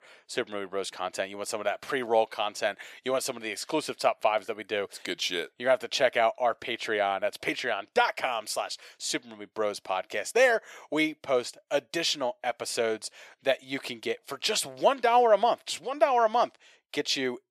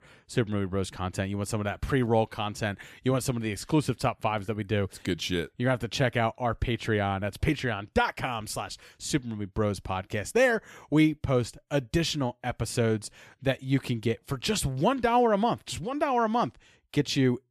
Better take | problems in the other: second | thin; very; fading below 500 Hz

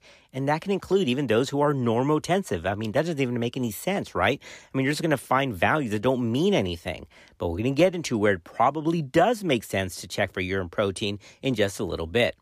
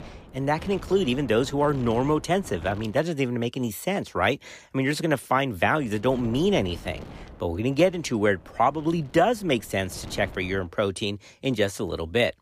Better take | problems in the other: first | wind noise on the microphone; occasional gusts; until 3 s and from 6 to 11 s; 20 dB below the speech

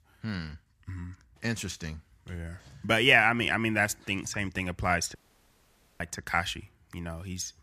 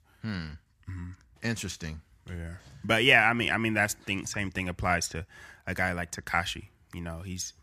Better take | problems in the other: second | audio cutting out; at 5 s for 1 s

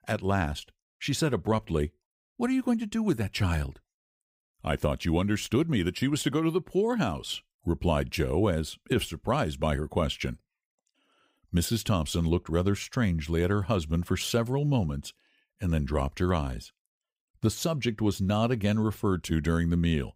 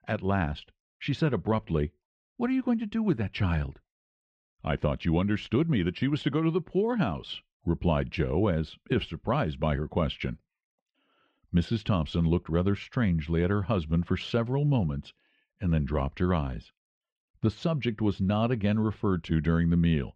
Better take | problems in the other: first | muffled; slightly; fading above 3.5 kHz

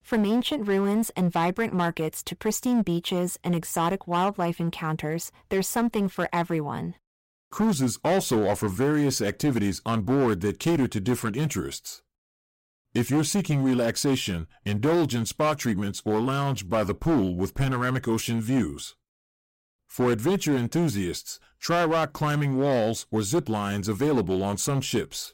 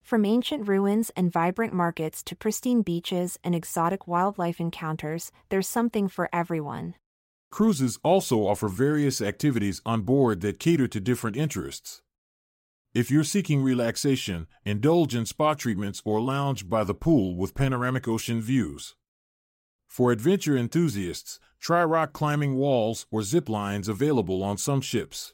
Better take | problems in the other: second | distortion; slight; 10% of the sound clipped

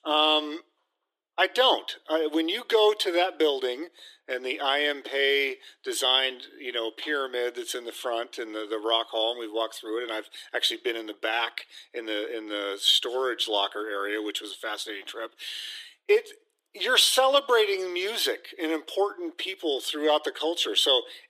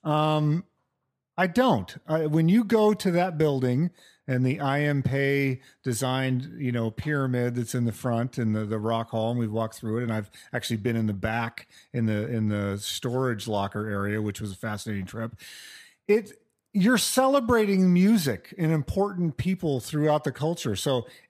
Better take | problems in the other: second | thin; very; fading below 300 Hz

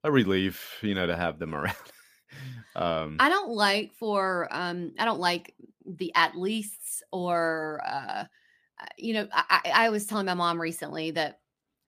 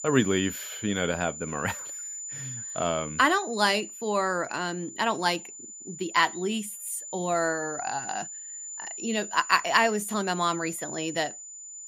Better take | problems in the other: first | high-pitched whine; loud; throughout; 7 kHz, 10 dB below the speech

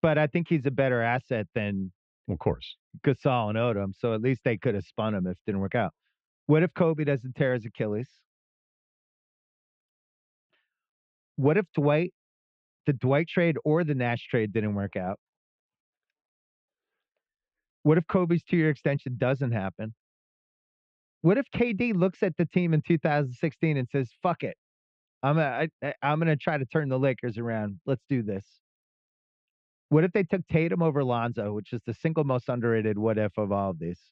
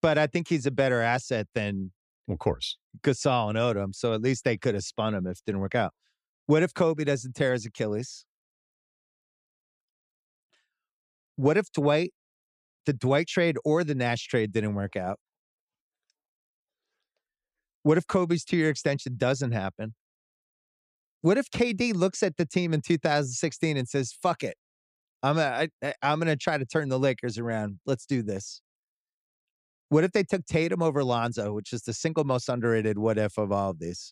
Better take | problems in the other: second | muffled; very; fading above 3 kHz

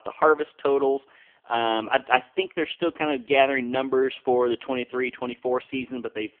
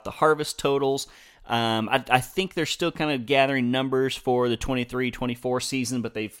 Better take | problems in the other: second | phone-call audio; poor line; nothing above 3.5 kHz

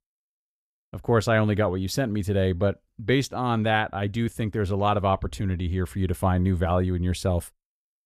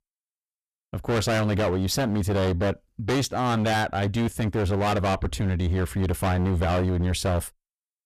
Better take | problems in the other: first | distortion; heavy; 25% of the sound clipped

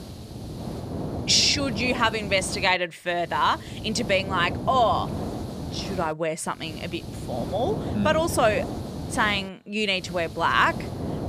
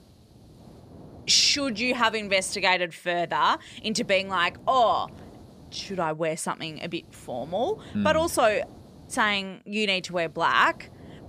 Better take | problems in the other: second | hiss; loud; throughout; 9 dB below the speech; faint in the second

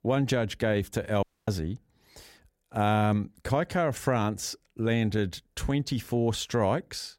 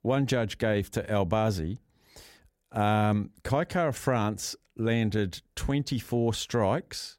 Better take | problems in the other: second | audio cutting out; at 1 s

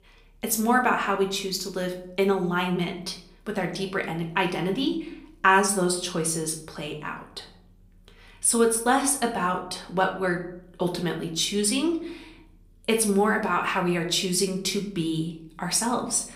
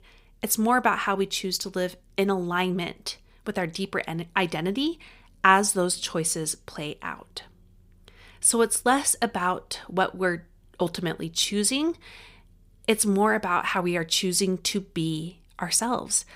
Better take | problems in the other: second | room echo; slight; dies away in 0.5 s // off-mic speech; somewhat distant

